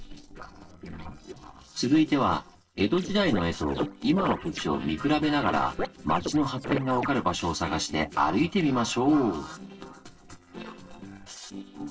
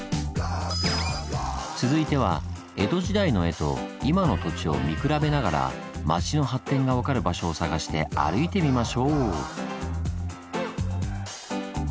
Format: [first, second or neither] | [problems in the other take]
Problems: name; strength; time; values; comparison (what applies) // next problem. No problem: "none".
second | noise reduction (neural separator model SepFormer DNS4)